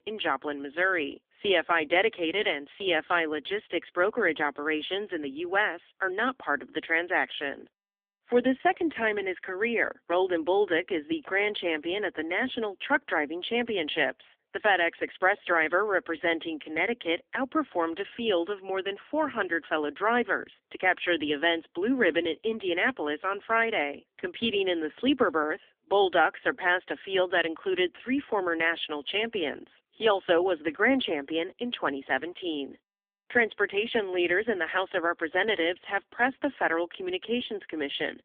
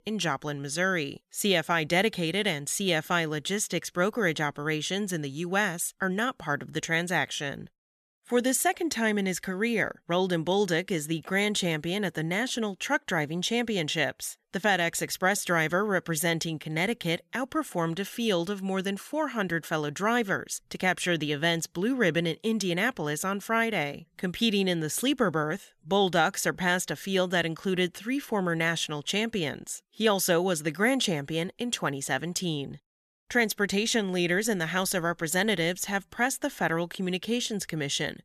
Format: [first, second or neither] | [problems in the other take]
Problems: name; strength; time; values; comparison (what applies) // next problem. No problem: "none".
second | phone-call audio; poor line; nothing above 3.5 kHz